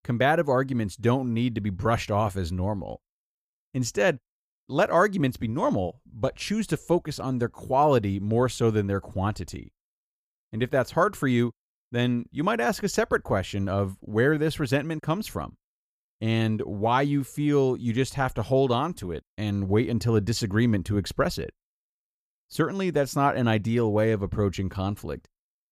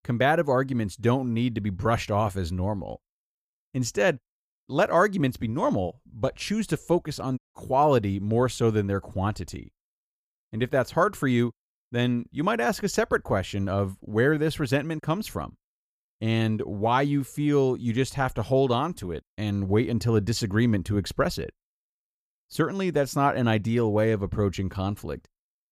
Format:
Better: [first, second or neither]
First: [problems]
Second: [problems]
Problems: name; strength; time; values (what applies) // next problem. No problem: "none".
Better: first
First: none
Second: audio cutting out; at 7.5 s